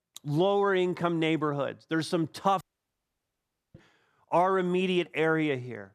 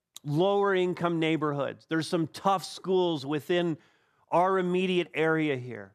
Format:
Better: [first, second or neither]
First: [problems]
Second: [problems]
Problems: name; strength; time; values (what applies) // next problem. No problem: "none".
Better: second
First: audio cutting out; at 2.5 s for 1 s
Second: none